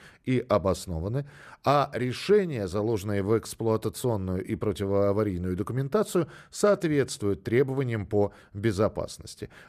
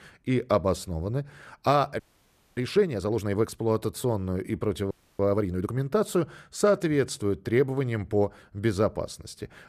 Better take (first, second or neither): first